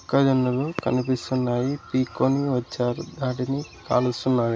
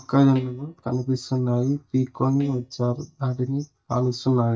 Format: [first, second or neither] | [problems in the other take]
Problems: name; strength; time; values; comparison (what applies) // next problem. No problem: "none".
first | noise reduction (neural mask model DeepFilterNet 3)